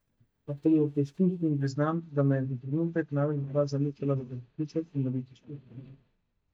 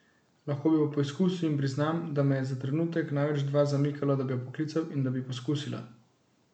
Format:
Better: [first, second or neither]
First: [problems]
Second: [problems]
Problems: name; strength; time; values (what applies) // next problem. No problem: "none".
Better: second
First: noise reduction (neural mask model DeepFilterNet 3)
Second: none